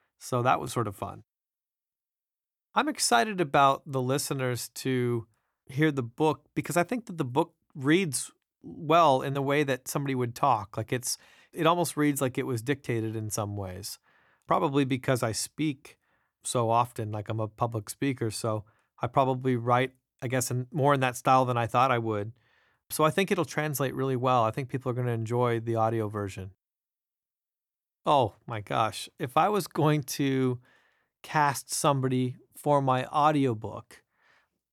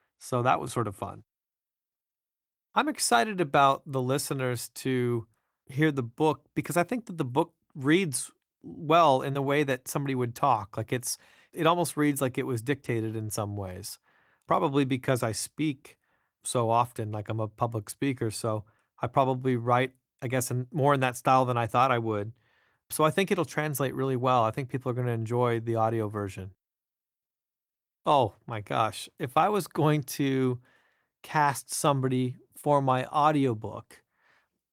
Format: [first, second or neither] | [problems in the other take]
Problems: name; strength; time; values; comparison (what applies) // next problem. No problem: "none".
first | garbled, watery; slightly